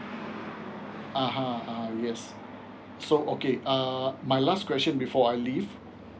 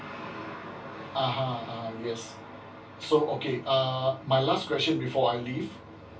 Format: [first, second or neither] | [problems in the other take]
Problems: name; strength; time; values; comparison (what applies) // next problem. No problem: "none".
first | room echo; dies away in 0.2 s